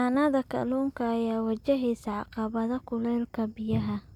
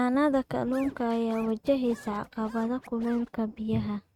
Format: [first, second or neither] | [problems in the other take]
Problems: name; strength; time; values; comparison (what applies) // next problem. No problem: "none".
first | noise reduction (neural mask model RNNoise)